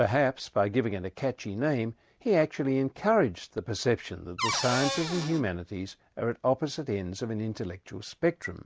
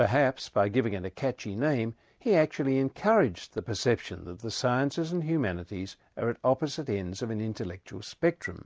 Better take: second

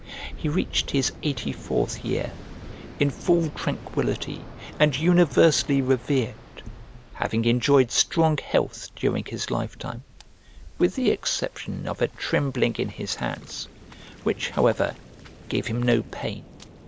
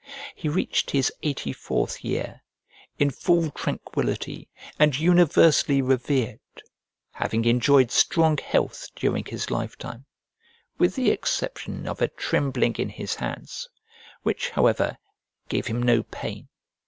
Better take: second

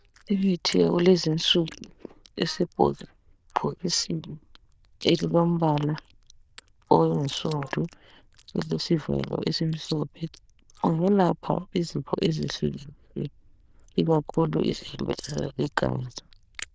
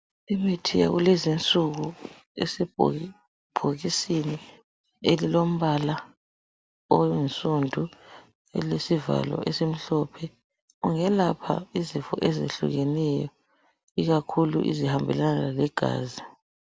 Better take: second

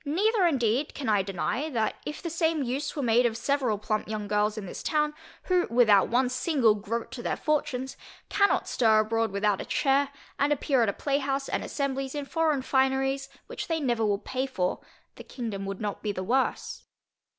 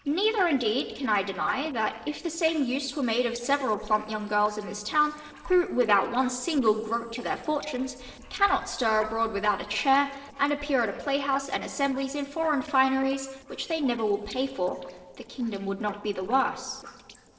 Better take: first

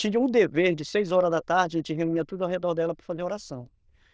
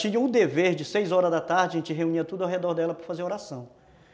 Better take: second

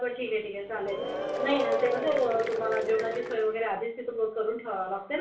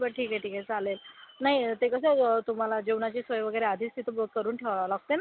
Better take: second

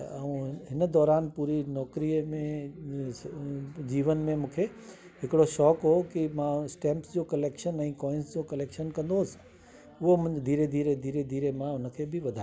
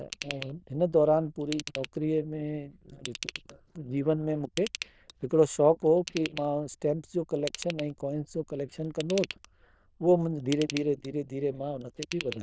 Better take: first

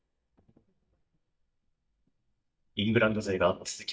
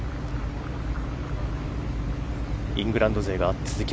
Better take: second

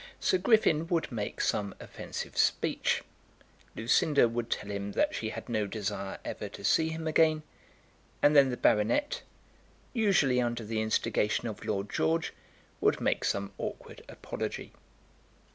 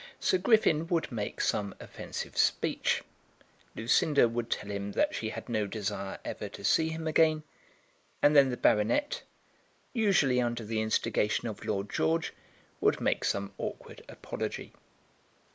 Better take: first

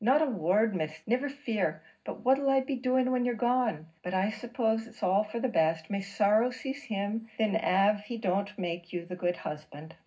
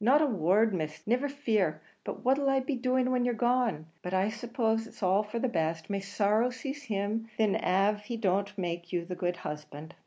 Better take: second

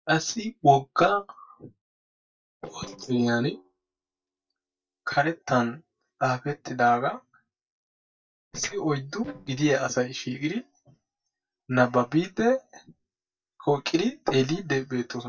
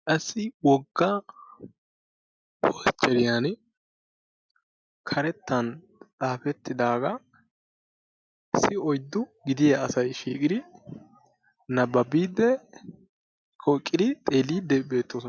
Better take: second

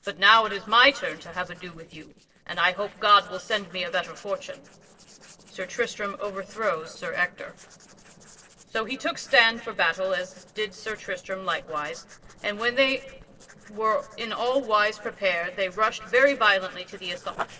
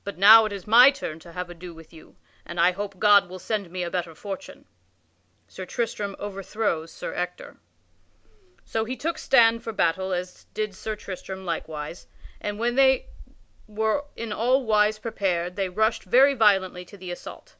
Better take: second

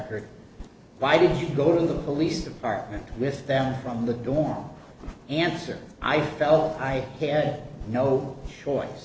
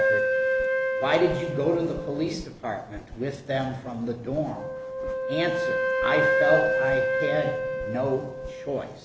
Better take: first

